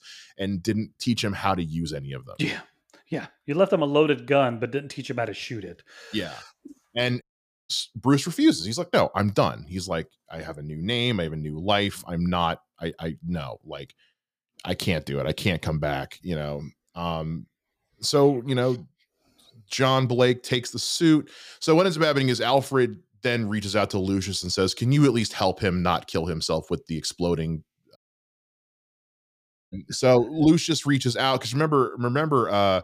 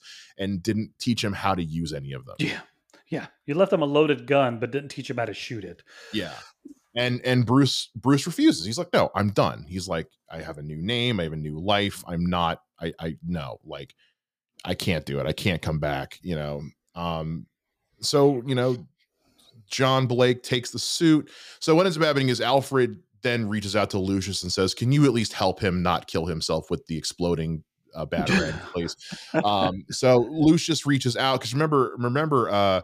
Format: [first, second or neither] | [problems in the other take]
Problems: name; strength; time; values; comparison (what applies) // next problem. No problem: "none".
second | audio cutting out; at 7 s and at 28 s for 2 s